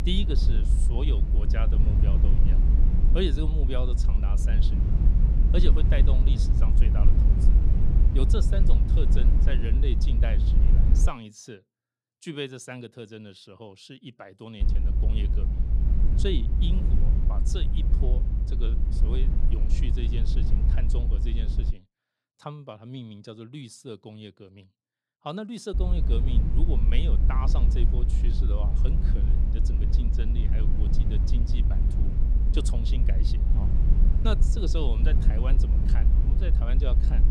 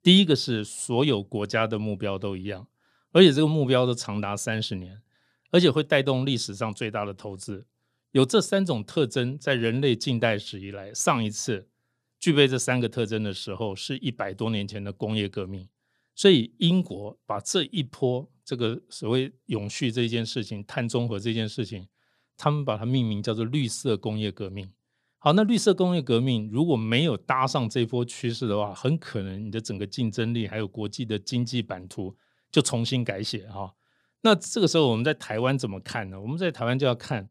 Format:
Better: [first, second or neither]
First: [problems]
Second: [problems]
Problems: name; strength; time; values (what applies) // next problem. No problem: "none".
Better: second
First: low rumble; loud; until 11 s, from 15 to 22 s and from 26 s on; 3 dB below the speech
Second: none